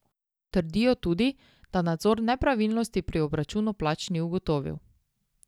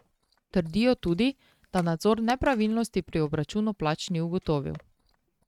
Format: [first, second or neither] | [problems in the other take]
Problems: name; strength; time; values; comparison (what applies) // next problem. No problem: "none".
first | noise reduction (neural mask model RNNoise)